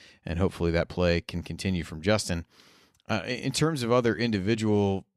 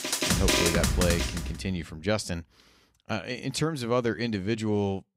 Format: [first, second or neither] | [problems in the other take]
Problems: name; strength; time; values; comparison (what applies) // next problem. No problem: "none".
first | background music; very loud; until 1.5 s; 4 dB above the speech